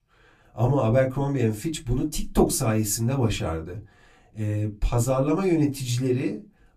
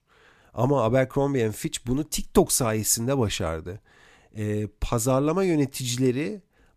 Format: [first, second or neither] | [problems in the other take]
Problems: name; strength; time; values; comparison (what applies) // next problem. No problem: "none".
second | off-mic speech; somewhat distant // room echo; very slight; dies away in 0.2 s